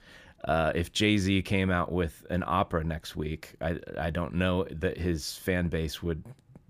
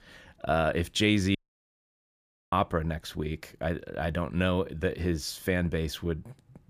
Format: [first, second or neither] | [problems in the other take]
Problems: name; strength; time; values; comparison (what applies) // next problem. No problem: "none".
first | audio cutting out; at 1.5 s for 1 s